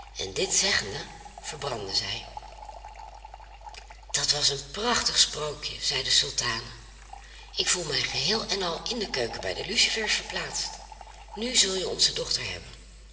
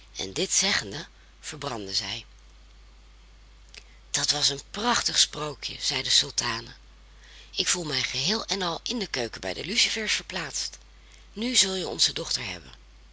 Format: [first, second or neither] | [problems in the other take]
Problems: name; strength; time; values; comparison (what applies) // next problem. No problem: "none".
second | background sound (Fill (with liquid) / Trickle, dribble); 18 dB below the speech // room echo; dies away in 2.7 s